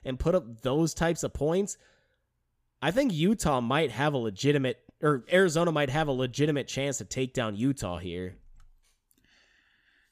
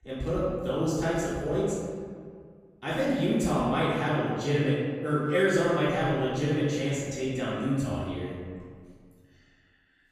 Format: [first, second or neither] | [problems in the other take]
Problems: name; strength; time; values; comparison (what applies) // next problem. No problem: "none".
first | off-mic speech; far // room echo; strong; dies away in 1.7 s